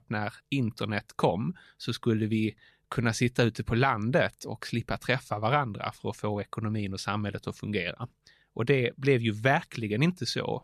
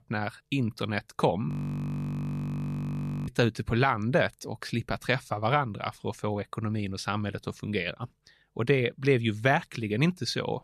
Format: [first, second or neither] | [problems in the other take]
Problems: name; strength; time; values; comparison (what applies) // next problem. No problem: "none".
first | audio freezing; at 1.5 s for 2 s